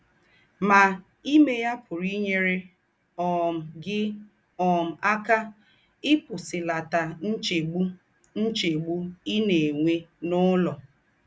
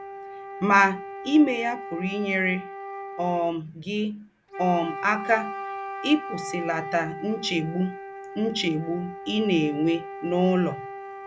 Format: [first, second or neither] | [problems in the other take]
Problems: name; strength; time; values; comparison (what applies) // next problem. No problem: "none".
first | background sound (Wind instrument, woodwind instrument); 11 dB below the speech